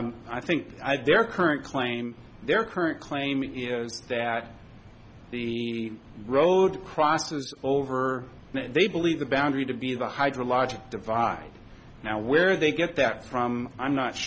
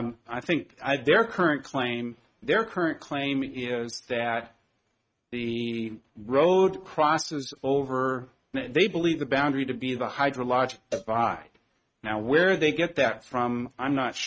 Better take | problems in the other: first | noise reduction (neural mask model RNNoise)

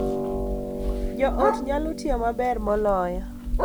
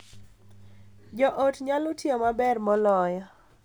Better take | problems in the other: second | background sound (Bark + Harp); as loud as the speech

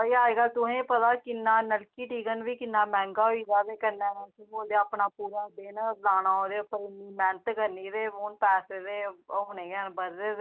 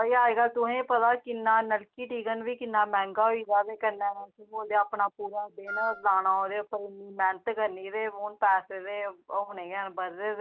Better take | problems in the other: first | background sound (Wind instrument, woodwind instrument); 7 dB below the speech

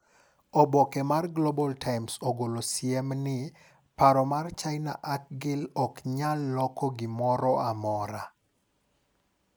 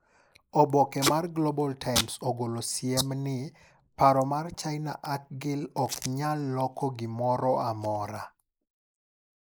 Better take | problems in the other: first | noise reduction (neural mask model Resemble Enhance denoiser)

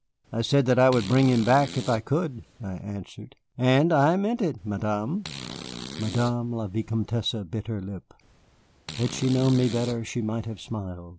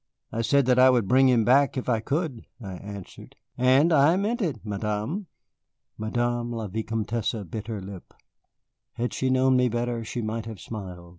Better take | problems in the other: second | background sound (Fart); 15 dB below the speech

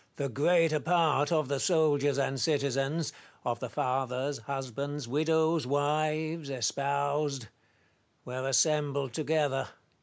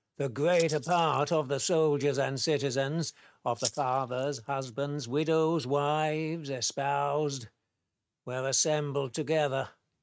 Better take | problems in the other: first | noise reduction (neural mask model RNNoise)

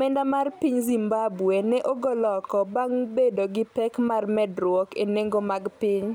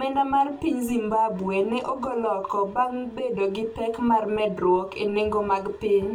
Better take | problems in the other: first | room echo; dies away in 0.2 s

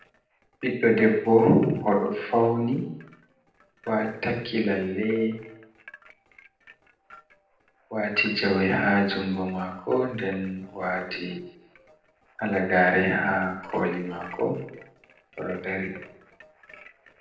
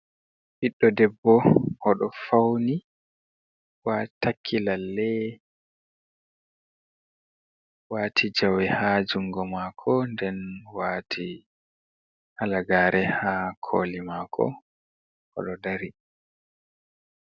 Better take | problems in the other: second | noise reduction (neural separator model SepFormer DNS4)

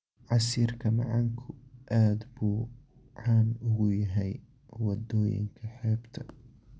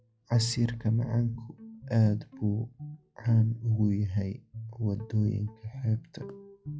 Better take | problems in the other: first | noise reduction (classical method log-MMSE)

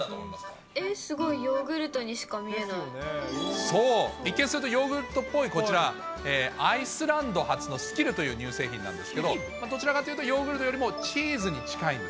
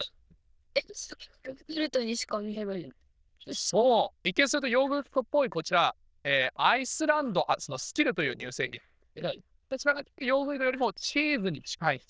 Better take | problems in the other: first | noise reduction (neural diffusion model UNIVERSE++)

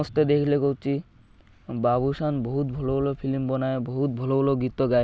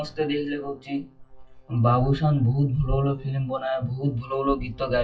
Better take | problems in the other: first | noise reduction (classical method WPE with log-MMSE)

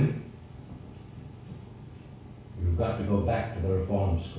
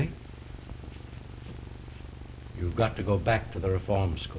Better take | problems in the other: second | room echo; dies away in 0.6 s

